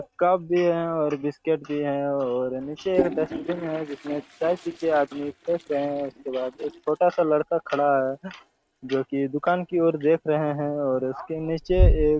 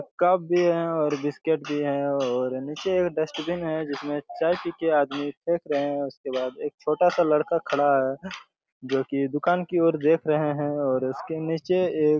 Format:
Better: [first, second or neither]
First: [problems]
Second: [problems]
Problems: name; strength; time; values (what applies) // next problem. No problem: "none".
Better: second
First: noise reduction (neural mask model RNNoise)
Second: none